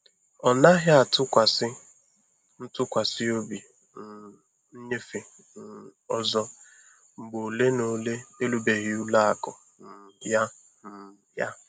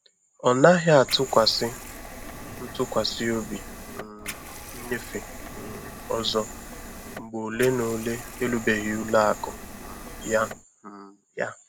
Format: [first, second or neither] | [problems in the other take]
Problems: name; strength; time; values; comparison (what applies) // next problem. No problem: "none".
first | background sound (Liquid); 13 dB below the speech